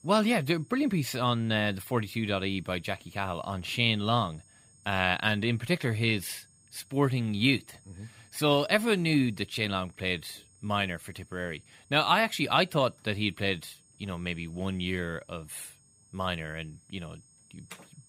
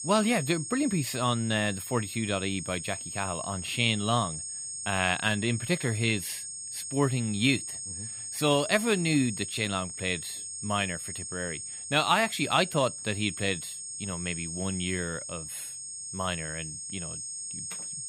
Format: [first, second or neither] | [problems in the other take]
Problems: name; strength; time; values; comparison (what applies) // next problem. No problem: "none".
first | high-pitched whine; loud; throughout; 8.5 kHz, 7 dB below the speech; faint in the first